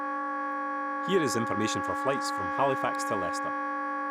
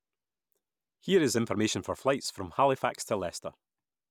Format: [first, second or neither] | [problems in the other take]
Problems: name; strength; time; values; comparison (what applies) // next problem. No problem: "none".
second | background sound (Wind instrument, woodwind instrument); 1 dB above the speech